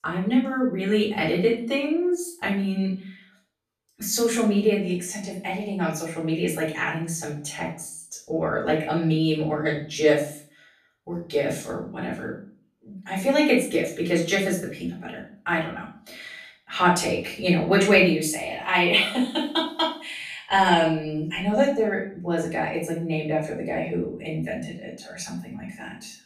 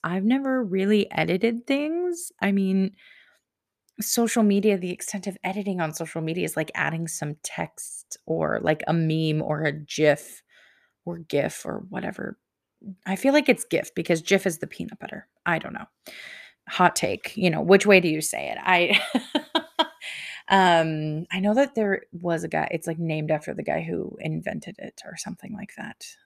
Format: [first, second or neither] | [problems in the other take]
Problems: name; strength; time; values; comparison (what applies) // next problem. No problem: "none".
second | off-mic speech; far // room echo; noticeable; dies away in 0.4 s